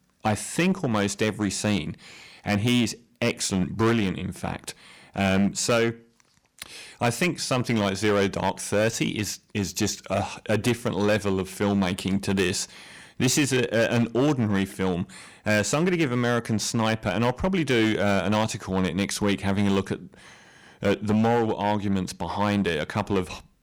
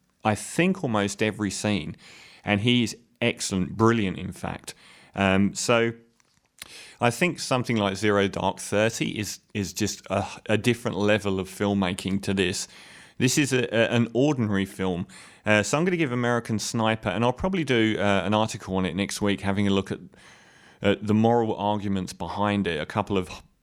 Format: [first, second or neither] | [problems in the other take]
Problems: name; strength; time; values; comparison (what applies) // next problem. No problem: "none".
second | distortion; slight; 7% of the sound clipped